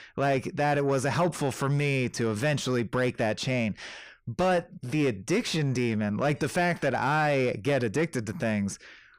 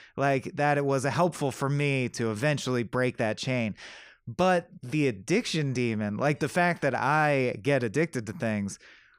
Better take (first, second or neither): second